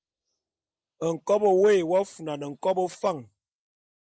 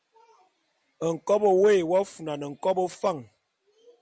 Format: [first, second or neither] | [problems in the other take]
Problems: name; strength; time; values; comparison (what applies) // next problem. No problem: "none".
second | noise reduction (neural mask model Resemble Enhance denoiser)